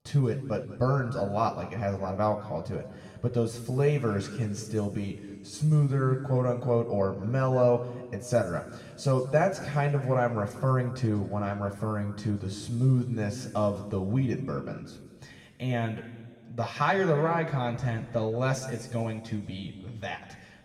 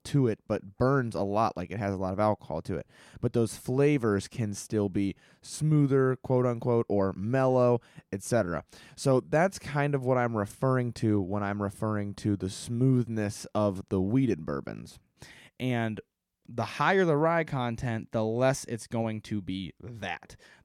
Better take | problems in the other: second | room echo; noticeable; dies away in 2 s // off-mic speech; somewhat distant

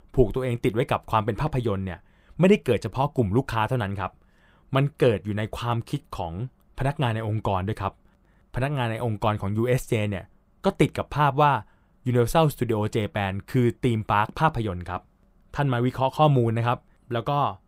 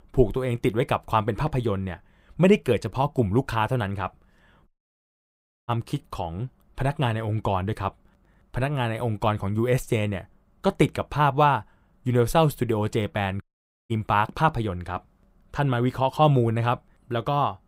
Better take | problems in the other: first | audio cutting out; at 4.5 s for 1 s and at 13 s

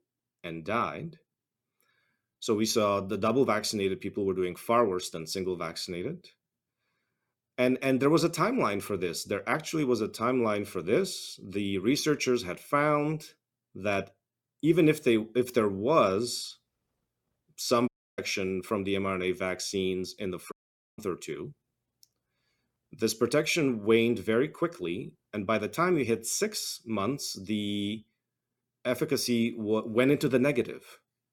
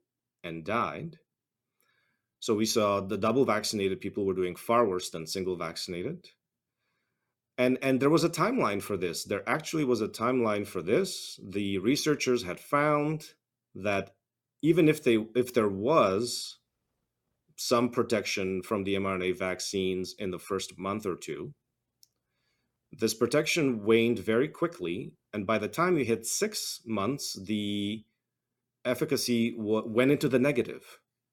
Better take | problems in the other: second | audio cutting out; at 18 s and at 21 s

